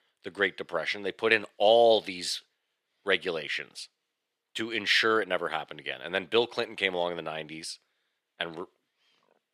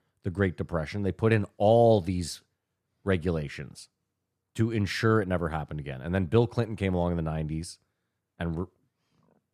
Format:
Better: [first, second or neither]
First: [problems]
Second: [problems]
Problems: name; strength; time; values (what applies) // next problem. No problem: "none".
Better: second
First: thin; very; fading below 450 Hz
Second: none